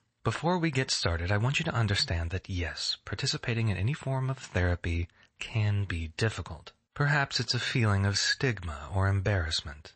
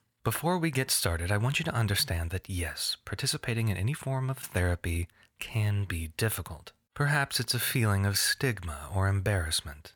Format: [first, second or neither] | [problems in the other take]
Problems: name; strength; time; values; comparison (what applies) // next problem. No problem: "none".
second | garbled, watery; slightly; nothing above 8 kHz